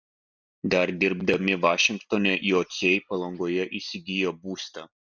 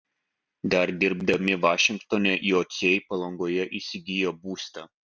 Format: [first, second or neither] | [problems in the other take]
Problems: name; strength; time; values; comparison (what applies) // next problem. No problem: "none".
second | noise reduction (neural mask model Resemble Enhance denoiser)